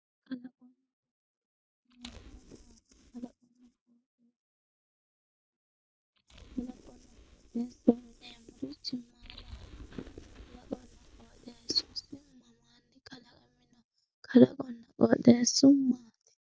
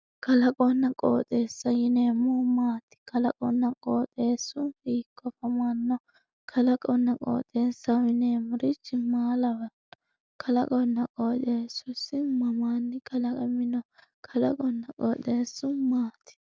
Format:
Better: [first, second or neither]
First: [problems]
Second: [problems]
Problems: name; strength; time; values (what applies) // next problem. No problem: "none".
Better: second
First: noise reduction (neural mask model DeepFilterNet 3)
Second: none